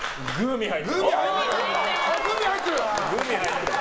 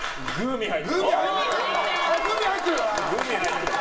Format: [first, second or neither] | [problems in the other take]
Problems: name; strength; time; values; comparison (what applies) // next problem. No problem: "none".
first | room echo; dies away in 1.1 s